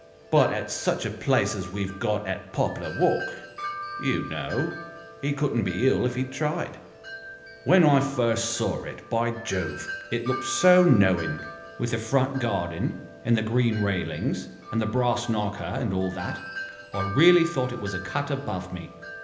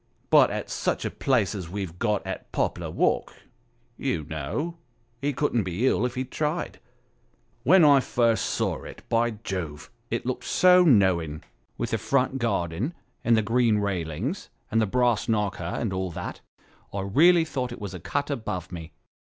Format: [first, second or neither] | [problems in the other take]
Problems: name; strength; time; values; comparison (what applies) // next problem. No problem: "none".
second | background sound (Wind chime); 13 dB below the speech // room echo; dies away in 0.8 s